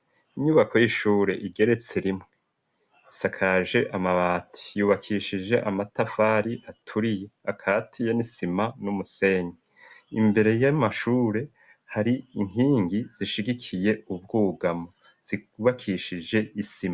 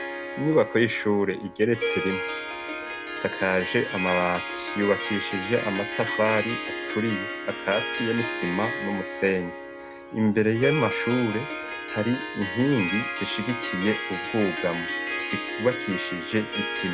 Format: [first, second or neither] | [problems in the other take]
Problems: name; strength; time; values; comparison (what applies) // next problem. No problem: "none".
first | background sound (Harp); 5 dB below the speech